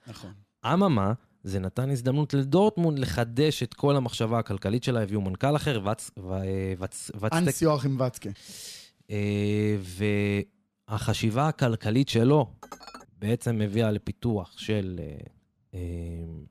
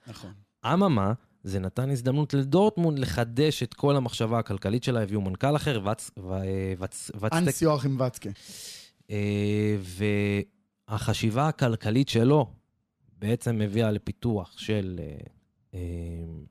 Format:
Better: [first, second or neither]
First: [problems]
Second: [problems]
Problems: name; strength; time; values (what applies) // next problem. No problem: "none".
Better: second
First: clattering dishes; faint; at 13 s; peak 15 dB below the speech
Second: none